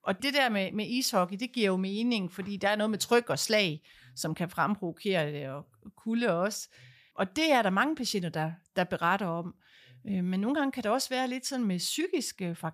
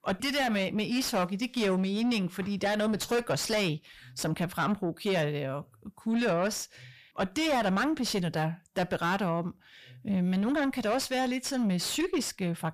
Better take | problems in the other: first | distortion; heavy; 7 dB below the speech

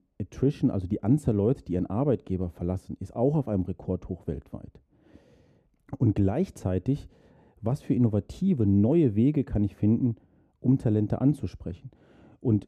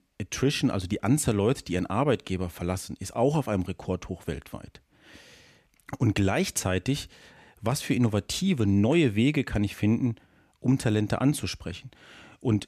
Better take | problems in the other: second | muffled; very; fading above 1 kHz

